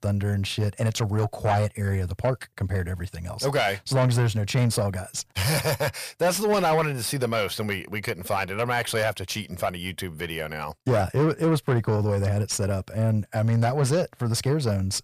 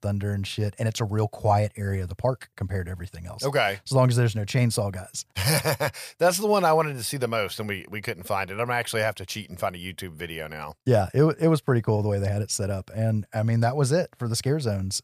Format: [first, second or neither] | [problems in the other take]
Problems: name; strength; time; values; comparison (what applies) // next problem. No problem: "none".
second | distortion; slight; 10 dB below the speech